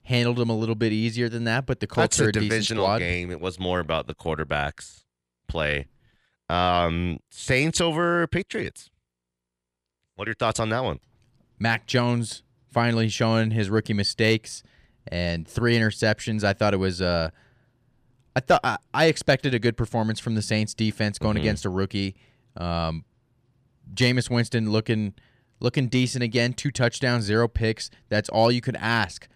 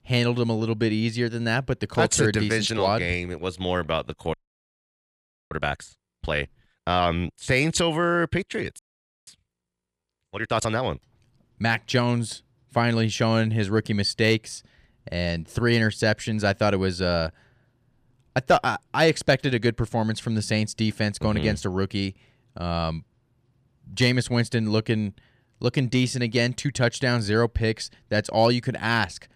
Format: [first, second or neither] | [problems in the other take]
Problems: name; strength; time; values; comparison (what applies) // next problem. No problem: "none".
first | audio freezing; at 4.5 s for 1 s and at 9 s